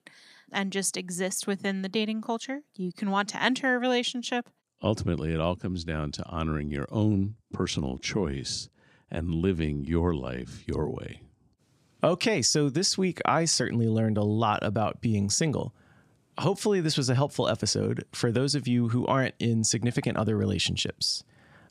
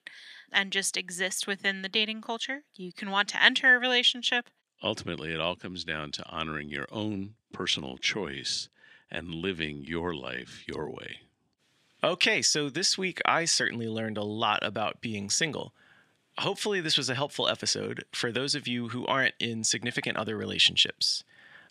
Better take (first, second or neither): first